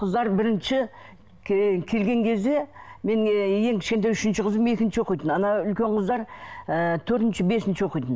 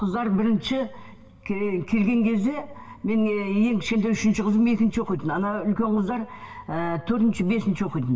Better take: first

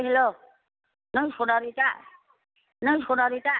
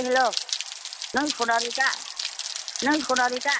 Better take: first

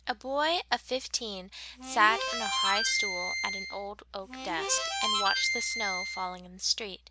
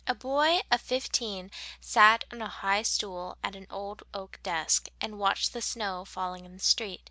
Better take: second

